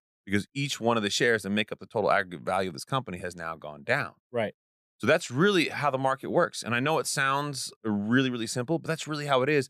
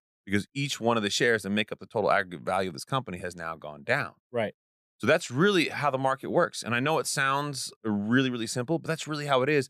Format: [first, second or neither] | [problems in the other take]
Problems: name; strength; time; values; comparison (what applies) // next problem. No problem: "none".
neither | none